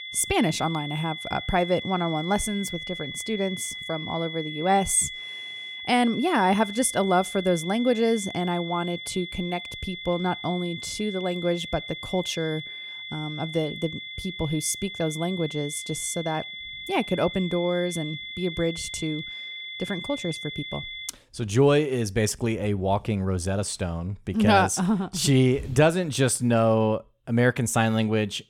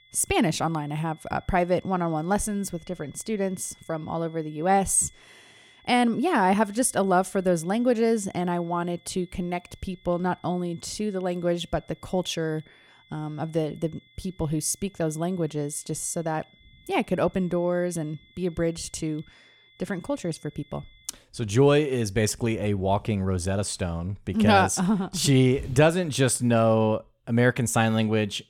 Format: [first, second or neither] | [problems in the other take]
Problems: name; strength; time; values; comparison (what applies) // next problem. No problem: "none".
second | high-pitched whine; loud; until 21 s; 2 kHz, 9 dB below the speech; faint in the second